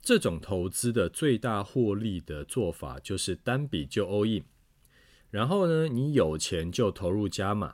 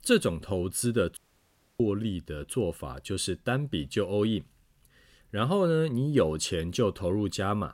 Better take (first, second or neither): first